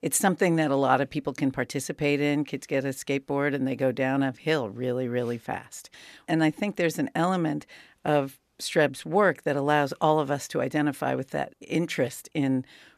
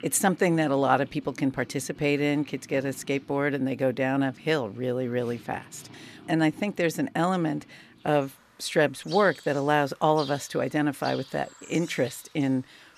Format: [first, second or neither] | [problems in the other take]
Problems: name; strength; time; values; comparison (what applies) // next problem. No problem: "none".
first | animal sounds; faint; throughout; 20 dB below the speech